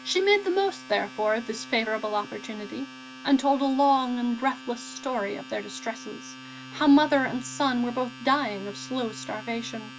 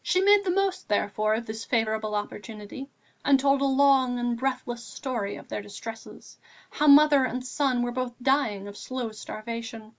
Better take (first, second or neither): second